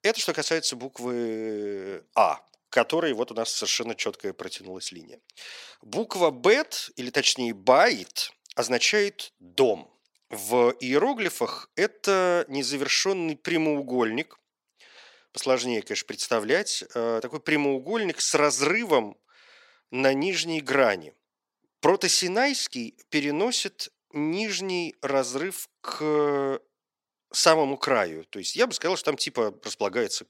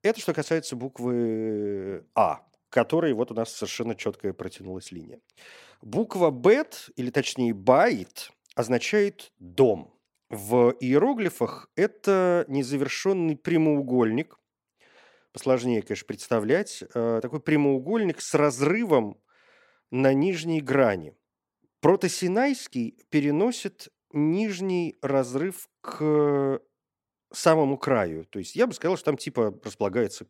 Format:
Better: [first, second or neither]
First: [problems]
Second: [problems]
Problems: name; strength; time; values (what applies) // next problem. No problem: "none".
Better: second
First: thin; very slightly; fading below 1 kHz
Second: none